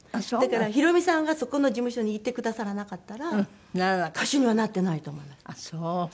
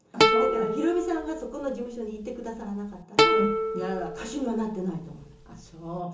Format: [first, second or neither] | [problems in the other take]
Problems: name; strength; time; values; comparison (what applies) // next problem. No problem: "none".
first | background sound (Plucked string instrument); 4 dB above the speech // room echo; dies away in 0.8 s